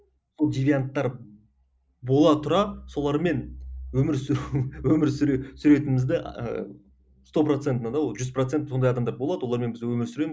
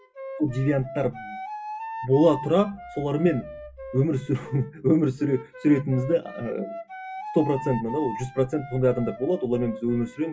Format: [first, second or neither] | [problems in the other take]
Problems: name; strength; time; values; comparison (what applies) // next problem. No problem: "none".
first | noise reduction (classical method WPE with log-MMSE)